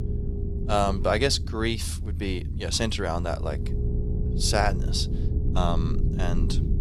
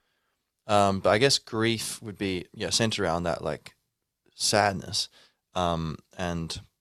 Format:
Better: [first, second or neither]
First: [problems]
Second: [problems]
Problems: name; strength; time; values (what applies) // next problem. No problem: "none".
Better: second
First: low rumble; noticeable; throughout; 15 dB below the speech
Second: none